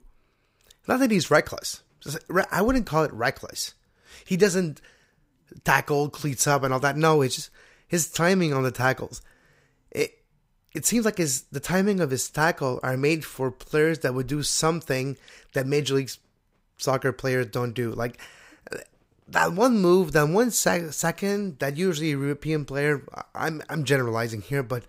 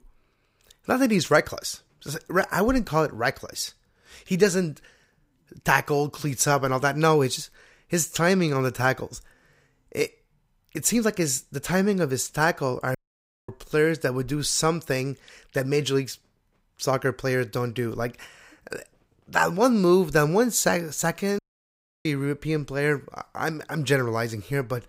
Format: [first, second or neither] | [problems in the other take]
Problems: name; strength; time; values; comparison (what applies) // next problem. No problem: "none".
first | audio cutting out; at 13 s for 0.5 s and at 21 s for 0.5 s